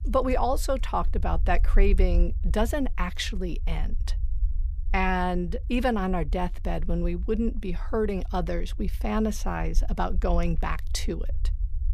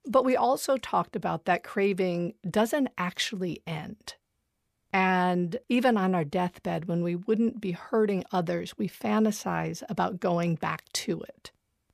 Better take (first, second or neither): second